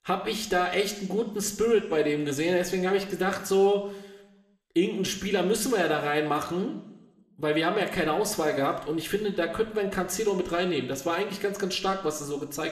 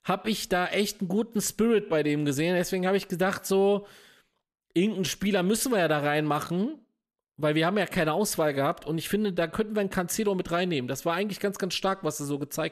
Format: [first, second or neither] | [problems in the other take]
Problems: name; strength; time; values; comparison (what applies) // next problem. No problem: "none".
second | room echo; very slight; dies away in 0.8 s